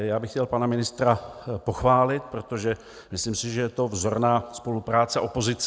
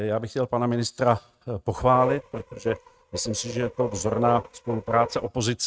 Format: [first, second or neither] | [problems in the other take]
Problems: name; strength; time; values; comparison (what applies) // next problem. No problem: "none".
first | noise reduction (neural mask model RNNoise)